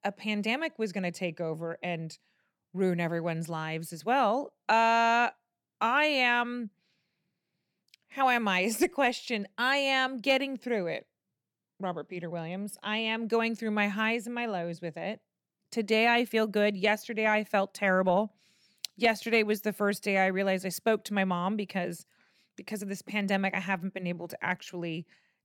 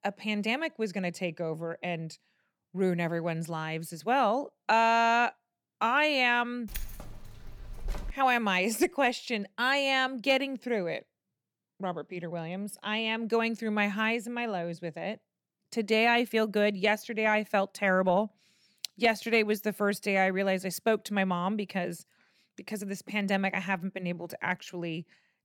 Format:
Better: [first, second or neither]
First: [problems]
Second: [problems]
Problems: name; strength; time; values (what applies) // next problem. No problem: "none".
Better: first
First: none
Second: jangling keys; faint; from 6.5 to 8 s; peak 10 dB below the speech